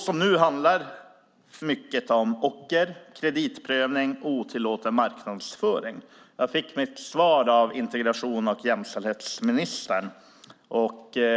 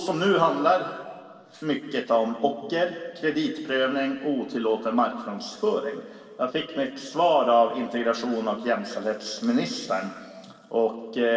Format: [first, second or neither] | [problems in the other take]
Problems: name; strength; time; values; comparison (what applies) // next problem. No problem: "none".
first | room echo; dies away in 2.4 s